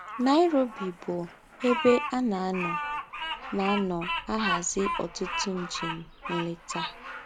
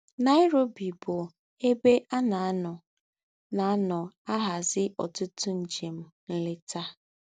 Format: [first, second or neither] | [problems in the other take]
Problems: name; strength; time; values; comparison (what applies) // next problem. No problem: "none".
second | background sound (Bird vocalization, bird call, bird song); 6 dB below the speech